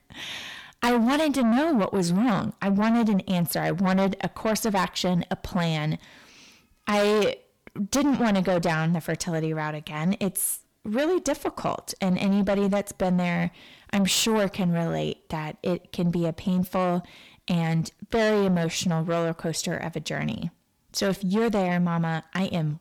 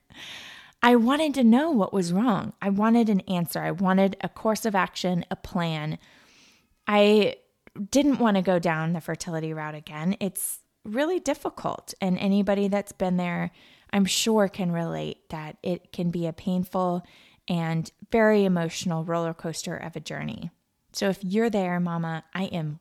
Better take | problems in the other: second | distortion; heavy; 7 dB below the speech

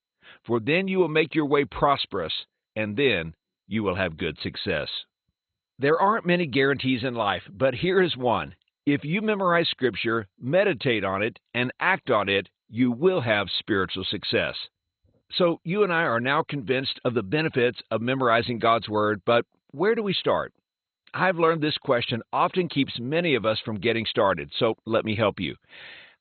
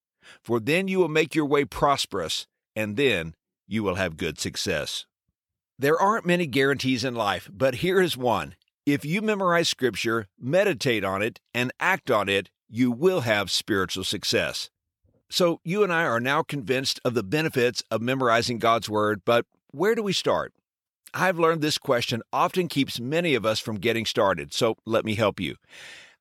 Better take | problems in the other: second | garbled, watery; badly; nothing above 4 kHz

